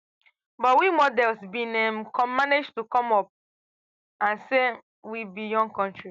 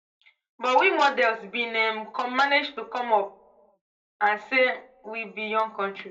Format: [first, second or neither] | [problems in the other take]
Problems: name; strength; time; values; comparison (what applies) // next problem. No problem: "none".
first | room echo; dies away in 0.2 s